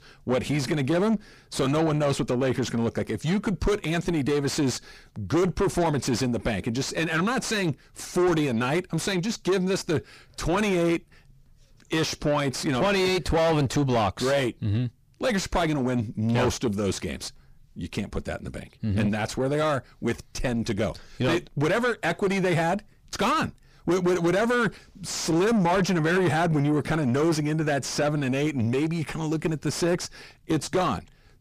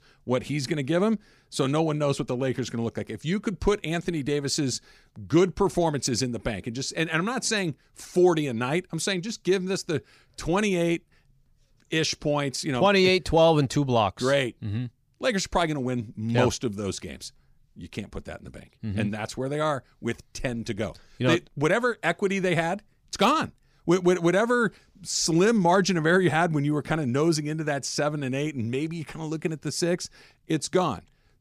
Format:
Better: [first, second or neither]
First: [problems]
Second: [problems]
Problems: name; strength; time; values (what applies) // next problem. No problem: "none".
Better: second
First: distortion; heavy; 5 dB below the speech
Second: none